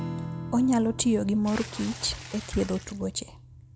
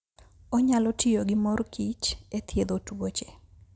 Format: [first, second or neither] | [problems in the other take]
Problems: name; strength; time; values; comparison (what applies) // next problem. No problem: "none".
second | background sound (Strum + Water / Splash, splatter); 11 dB below the speech